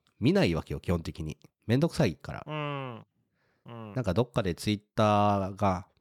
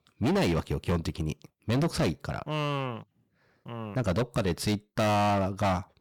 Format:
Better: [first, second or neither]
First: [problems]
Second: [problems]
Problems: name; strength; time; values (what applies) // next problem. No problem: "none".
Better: first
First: none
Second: distortion; heavy; 14% of the sound clipped